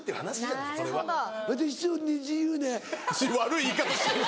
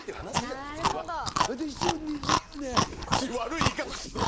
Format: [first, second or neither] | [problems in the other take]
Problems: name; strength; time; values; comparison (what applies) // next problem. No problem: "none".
first | noise reduction (neural mask model Resemble Enhance denoiser)